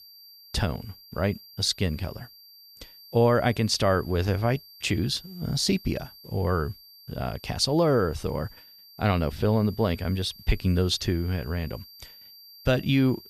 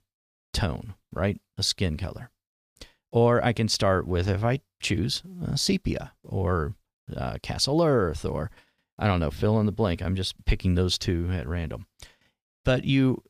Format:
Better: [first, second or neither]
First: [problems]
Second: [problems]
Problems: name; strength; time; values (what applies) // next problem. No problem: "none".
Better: second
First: high-pitched whine; faint; throughout; 4.5 kHz, 20 dB below the speech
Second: none